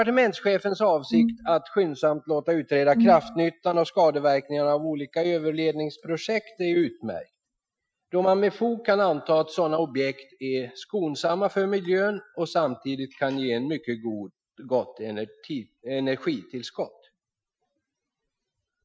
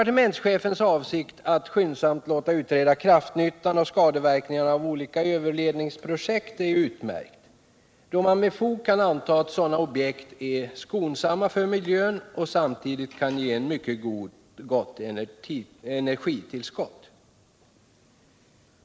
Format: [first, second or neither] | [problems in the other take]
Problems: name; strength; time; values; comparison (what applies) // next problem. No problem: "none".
second | noise reduction (classical method Wiener filter)